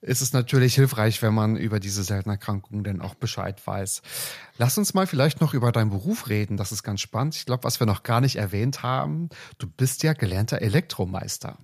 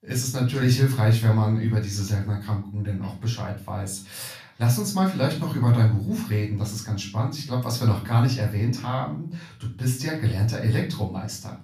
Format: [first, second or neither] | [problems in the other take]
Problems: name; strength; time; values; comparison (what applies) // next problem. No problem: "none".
first | off-mic speech; far // room echo; slight; dies away in 0.4 s